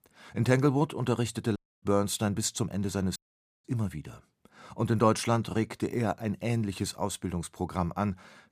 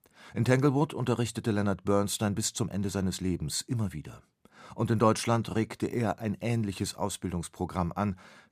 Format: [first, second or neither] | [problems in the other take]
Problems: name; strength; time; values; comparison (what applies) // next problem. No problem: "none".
second | audio cutting out; at 1.5 s and at 3 s